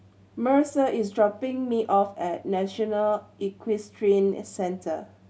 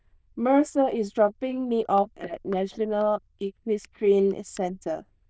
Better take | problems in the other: first | noise reduction (neural diffusion model UNIVERSE++)

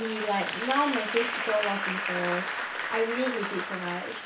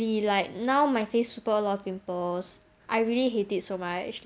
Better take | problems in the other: second | background sound (Applause / Crowd); 2 dB below the speech // room echo; dies away in 0.3 s

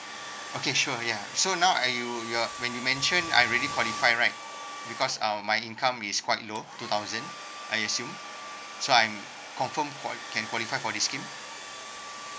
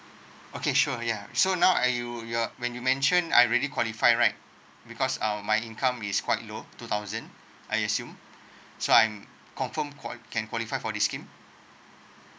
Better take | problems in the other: second | background sound (Domestic sounds, home sounds); 10 dB below the speech

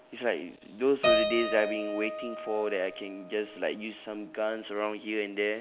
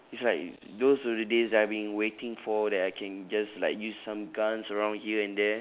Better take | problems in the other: second | background sound (Keyboard (musical)); 3 dB below the speech

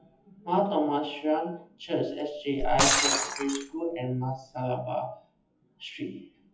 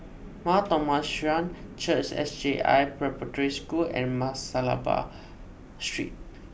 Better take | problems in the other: second | noise reduction (classical method WPE with log-MMSE)

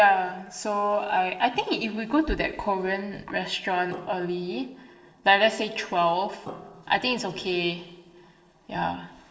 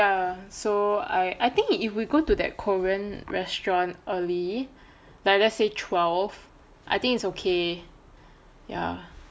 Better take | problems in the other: second | noise reduction (neural separator model SepFormer DNS4)

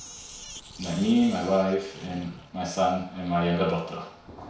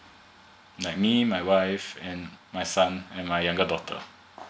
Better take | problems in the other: second | background sound (Sink (filling or washing)); 19 dB below the speech // room echo; dies away in 0.6 s

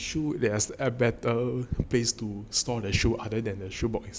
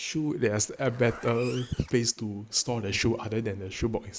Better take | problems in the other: first | noise reduction (neural mask model Resemble Enhance denoiser)

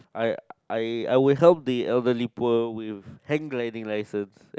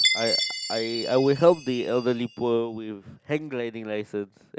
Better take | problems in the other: first | background sound (Chime); 6 dB below the speech

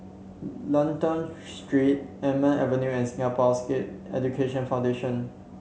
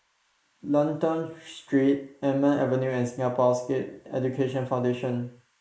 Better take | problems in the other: first | noise reduction (neural mask model Resemble Enhance denoiser)

